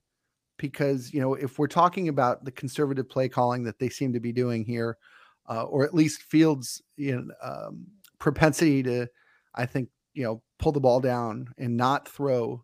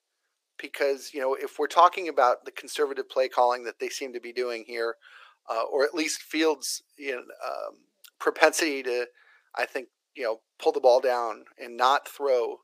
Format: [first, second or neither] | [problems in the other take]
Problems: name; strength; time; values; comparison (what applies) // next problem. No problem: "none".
first | thin; very; fading below 400 Hz